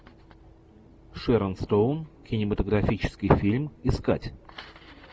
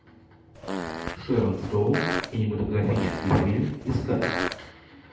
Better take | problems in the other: first | background sound (Fart); 6 dB below the speech // room echo; dies away in 0.8 s

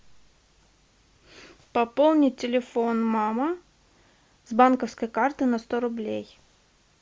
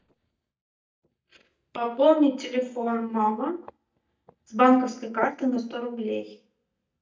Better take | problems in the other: first | noise reduction (neural mask model DeepFilterNet 3)

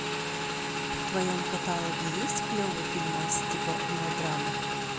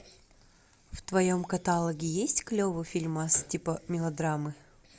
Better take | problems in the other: second | background sound (Motorcycle / Engine); 4 dB above the speech

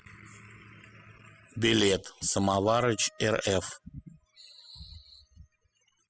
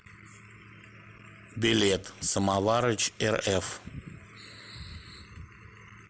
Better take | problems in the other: second | noise reduction (classical method spectral subtraction)

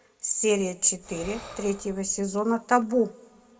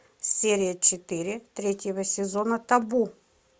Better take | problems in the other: second | background sound (Breathing); 18 dB below the speech // room echo; dies away in 0.9 s

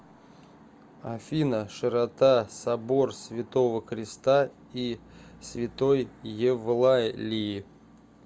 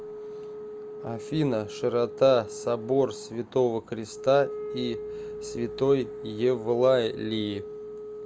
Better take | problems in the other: first | background sound (Wind instrument, woodwind instrument); 11 dB below the speech

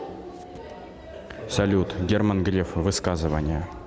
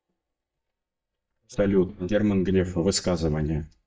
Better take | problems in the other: first | noise reduction (neural mask model DeepFilterNet 3)

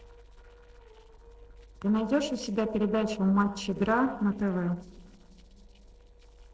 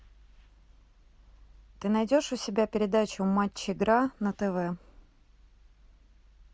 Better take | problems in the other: second | noise reduction (neural separator model SepFormer DNS4)

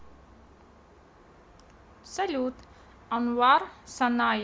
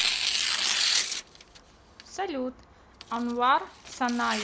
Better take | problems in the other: first | background sound (Tearing); as loud as the speech

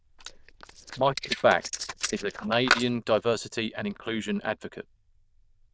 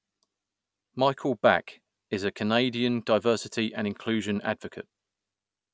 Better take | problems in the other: second | noise reduction (neural diffusion model UNIVERSE++)

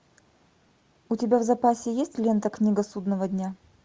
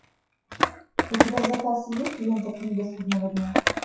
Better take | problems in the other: first | noise reduction (classical method WPE with log-MMSE)

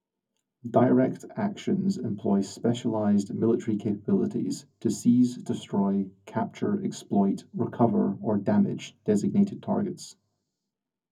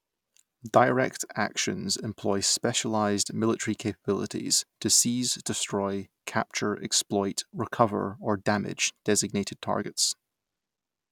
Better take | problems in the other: second | room echo; dies away in 0.3 s

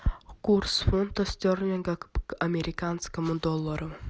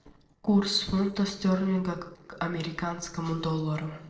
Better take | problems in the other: first | noise reduction (neural separator model SepFormer DNS4)

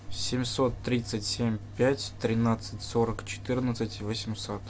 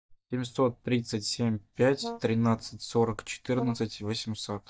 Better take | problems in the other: first | noise reduction (neural mask model DeepFilterNet 3)

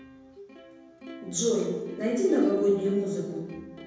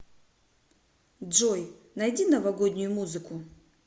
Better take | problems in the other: second | background sound (Plucked string instrument); 13 dB below the speech // room echo; dies away in 1.1 s

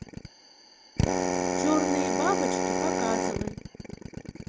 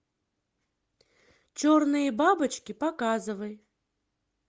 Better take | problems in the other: second | background sound (Drill); 4 dB above the speech

